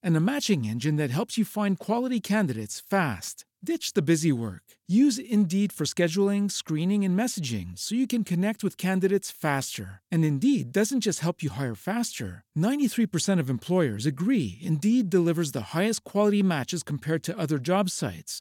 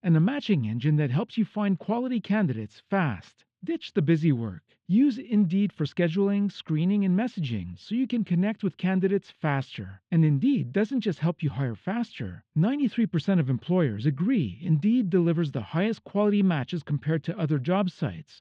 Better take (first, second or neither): first